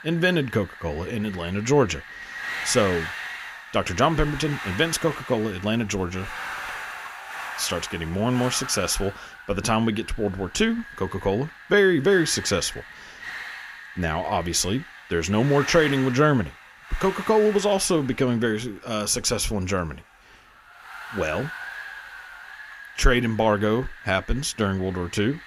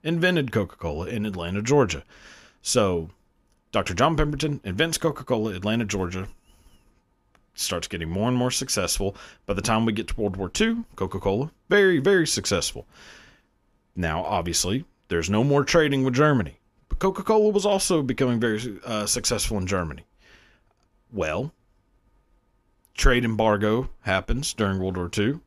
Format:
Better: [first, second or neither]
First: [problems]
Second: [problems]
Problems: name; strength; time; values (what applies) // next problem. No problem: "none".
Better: second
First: wind noise on the microphone; heavy; 10 dB below the speech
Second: none